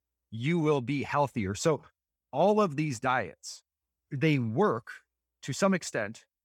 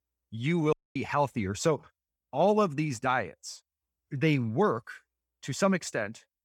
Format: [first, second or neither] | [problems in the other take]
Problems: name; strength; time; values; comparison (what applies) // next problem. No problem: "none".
first | audio cutting out; at 0.5 s